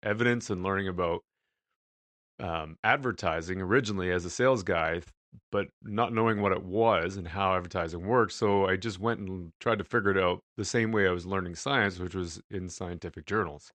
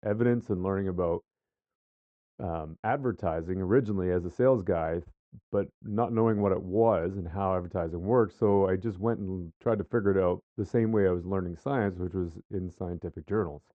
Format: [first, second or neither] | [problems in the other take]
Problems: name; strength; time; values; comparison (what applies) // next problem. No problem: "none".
first | muffled; very; fading above 1.5 kHz